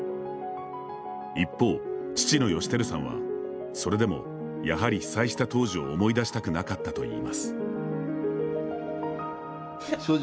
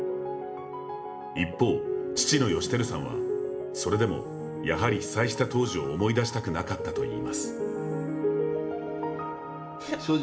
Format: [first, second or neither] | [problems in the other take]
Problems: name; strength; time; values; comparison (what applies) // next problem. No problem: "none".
first | room echo; dies away in 2.2 s